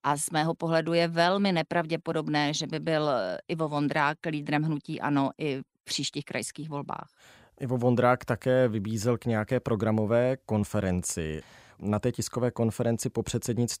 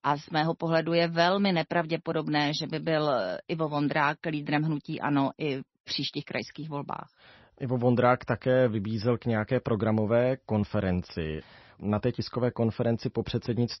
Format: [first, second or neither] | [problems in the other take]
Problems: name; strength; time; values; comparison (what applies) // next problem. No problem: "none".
first | garbled, watery; slightly; nothing above 6 kHz